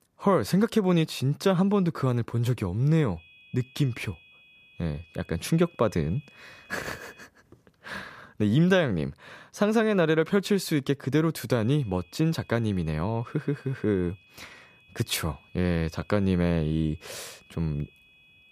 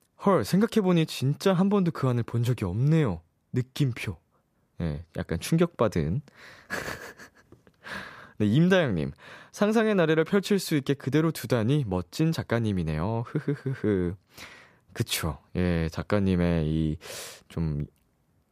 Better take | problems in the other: second | high-pitched whine; faint; from 3 to 7 s and from 12 s on; 2.5 kHz, 30 dB below the speech

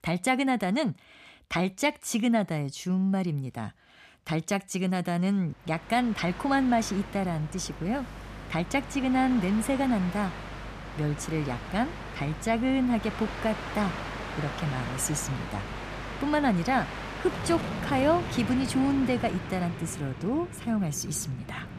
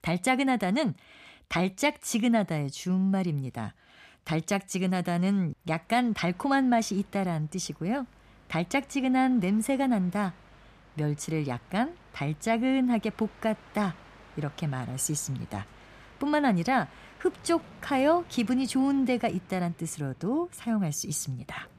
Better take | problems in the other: second | train or aircraft noise; loud; from 6 s on; 9 dB below the speech; faint in the second

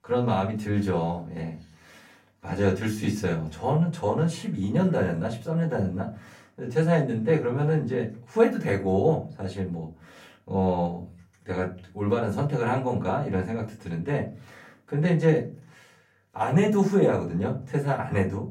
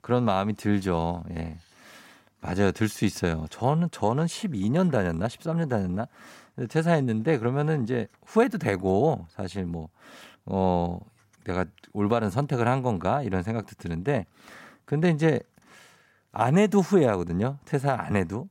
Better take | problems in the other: second | off-mic speech; far // room echo; very slight; dies away in 0.3 s

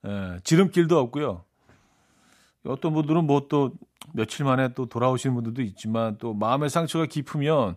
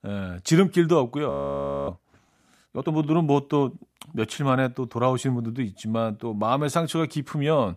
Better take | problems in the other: first | audio freezing; at 1.5 s for 0.5 s

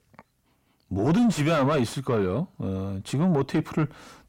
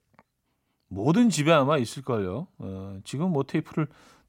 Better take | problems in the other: second | distortion; heavy; 7 dB below the speech

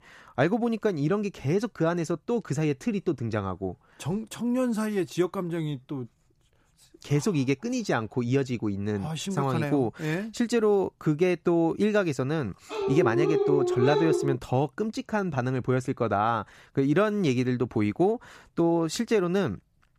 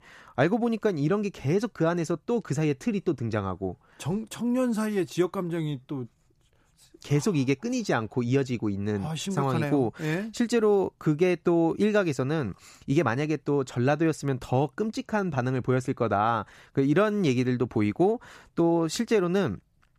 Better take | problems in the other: second | dog barking; loud; from 13 to 14 s; peak 2 dB above the speech

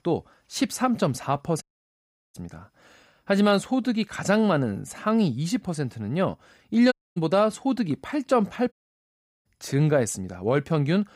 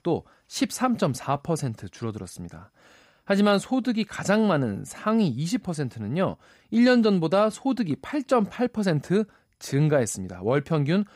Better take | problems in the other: second | audio cutting out; at 1.5 s for 0.5 s, at 7 s and at 8.5 s for 0.5 s

